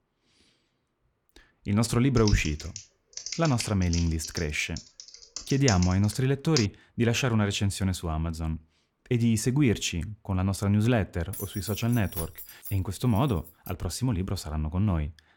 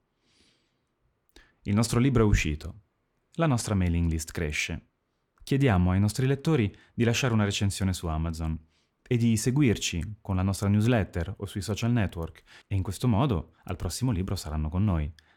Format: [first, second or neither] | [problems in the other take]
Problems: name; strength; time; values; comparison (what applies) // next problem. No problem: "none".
second | keyboard typing; noticeable; from 2 to 6.5 s; peak 4 dB below the speech // jangling keys; noticeable; from 11 to 14 s; peak 9 dB below the speech